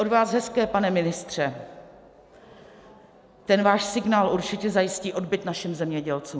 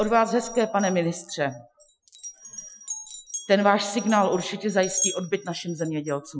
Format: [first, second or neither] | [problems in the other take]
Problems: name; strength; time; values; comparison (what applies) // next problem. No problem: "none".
first | noise reduction (classical method Wiener filter)